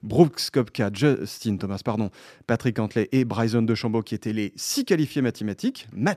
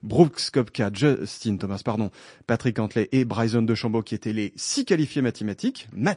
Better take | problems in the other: first | garbled, watery; slightly; nothing above 10.5 kHz

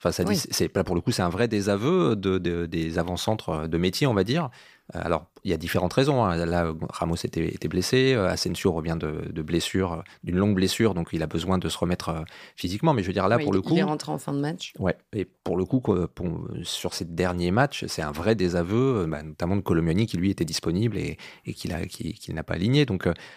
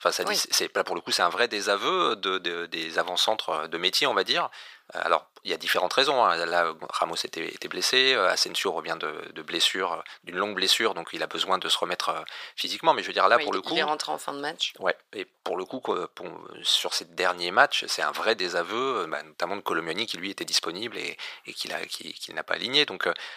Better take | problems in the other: first | thin; very; fading below 650 Hz

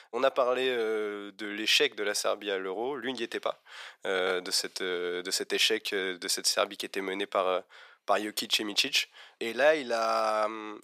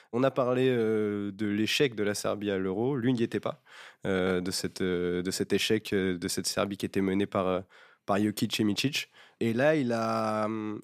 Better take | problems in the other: second | thin; very; fading below 600 Hz

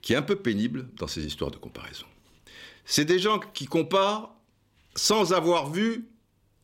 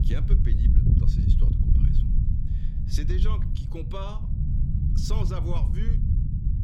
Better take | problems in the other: first | low rumble; loud; throughout; as loud as the speech

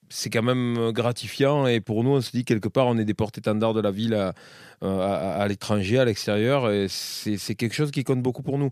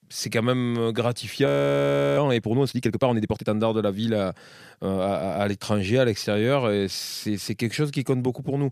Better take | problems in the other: first | audio freezing; at 1.5 s for 0.5 s

